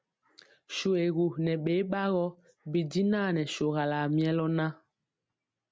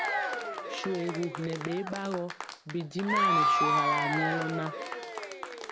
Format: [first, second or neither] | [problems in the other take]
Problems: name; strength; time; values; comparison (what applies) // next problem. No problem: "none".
first | background sound (Applause / Crowd / Cheering); 4 dB above the speech